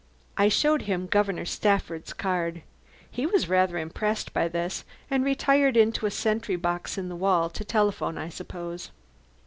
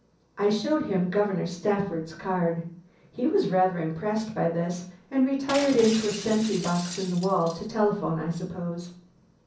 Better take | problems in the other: first | background sound (Shatter); 12 dB below the speech // room echo; dies away in 0.6 s

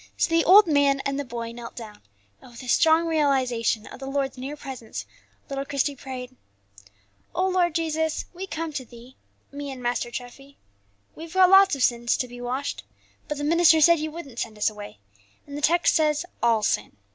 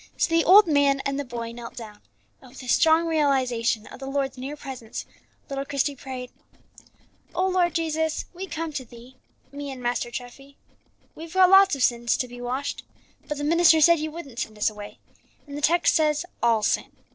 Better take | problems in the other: first | noise reduction (neural separator model SepFormer DNS4)

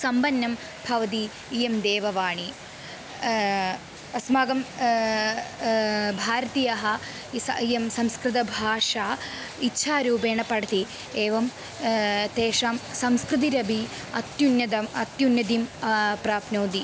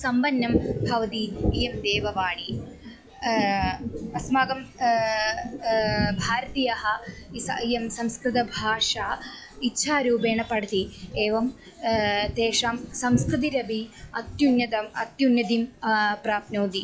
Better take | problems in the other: first | noise reduction (classical method log-MMSE)

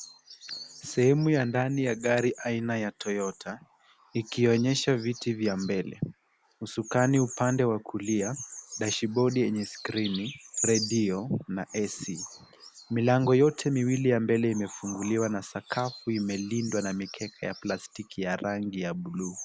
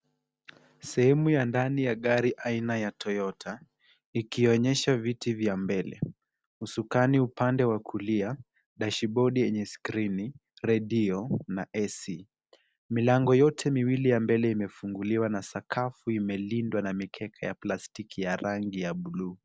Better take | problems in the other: second | background sound (Bird vocalization, bird call, bird song); 15 dB below the speech

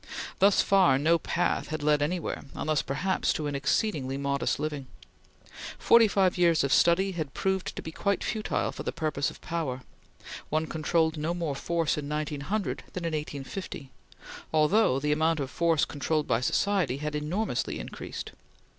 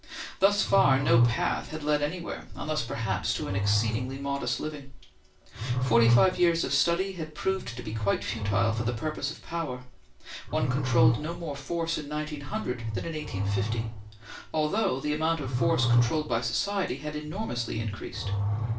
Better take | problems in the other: first | background sound (Growling); 1 dB below the speech // room echo; dies away in 0.3 s

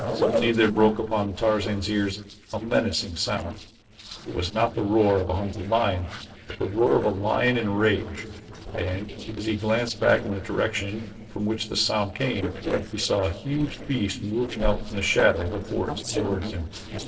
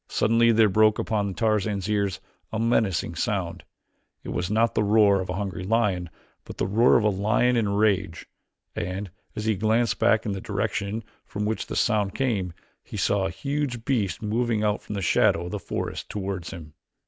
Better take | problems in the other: second | noise reduction (neural separator model SepFormer DNS4)

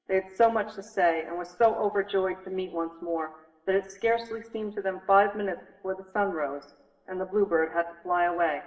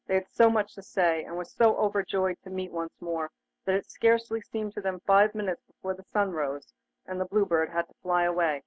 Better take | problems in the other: second | room echo; dies away in 0.8 s

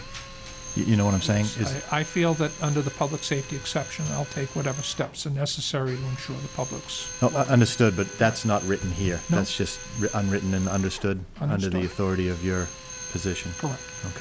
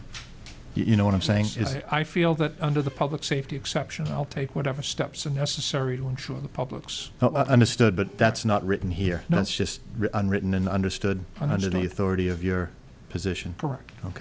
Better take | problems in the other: second | background sound (Drill); 14 dB below the speech

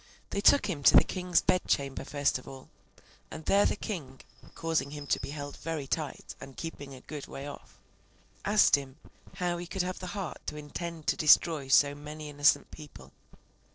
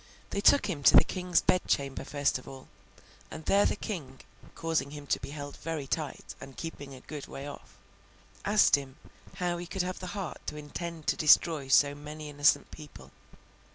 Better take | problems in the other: second | noise reduction (neural separator model SepFormer DNS4)

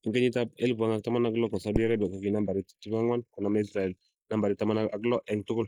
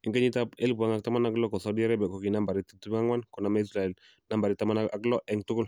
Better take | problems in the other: second | noise reduction (neural mask model Resemble Enhance denoiser)

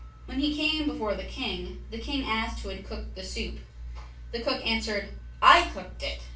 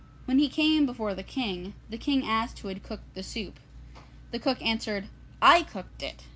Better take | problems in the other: second | room echo; dies away in 0.3 s

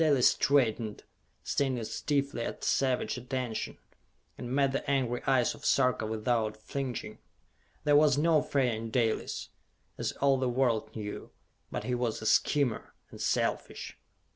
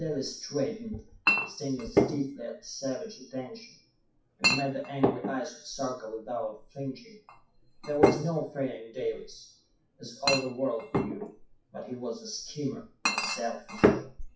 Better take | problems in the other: first | noise reduction (classical method WPE with log-MMSE)

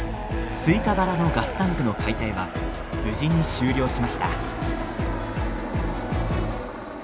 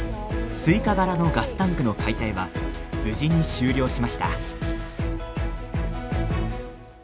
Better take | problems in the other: second | background sound (Aircraft); 8 dB below the speech

